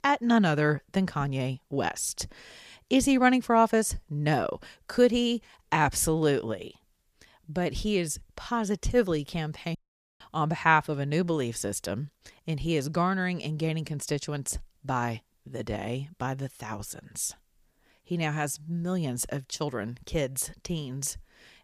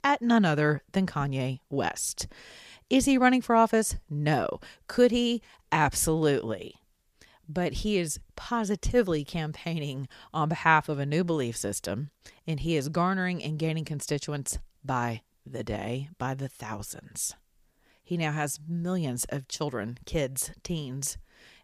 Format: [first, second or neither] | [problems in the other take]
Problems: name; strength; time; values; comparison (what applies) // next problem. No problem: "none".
second | audio cutting out; at 10 s